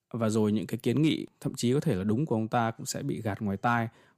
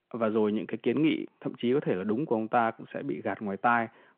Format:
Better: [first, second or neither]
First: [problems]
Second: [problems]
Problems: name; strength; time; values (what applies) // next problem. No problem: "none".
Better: first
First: none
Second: phone-call audio